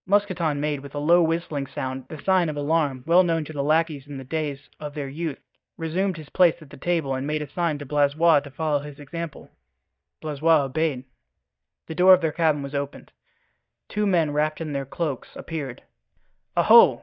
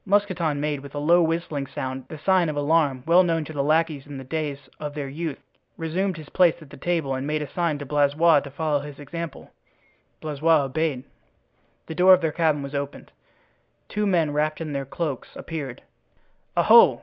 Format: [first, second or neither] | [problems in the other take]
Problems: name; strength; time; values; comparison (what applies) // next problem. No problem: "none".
second | noise reduction (neural mask model DeepFilterNet 3)